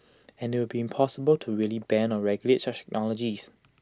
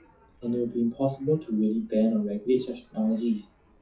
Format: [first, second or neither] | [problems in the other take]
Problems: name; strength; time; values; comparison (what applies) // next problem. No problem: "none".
first | noise reduction (classical method WPE with log-MMSE)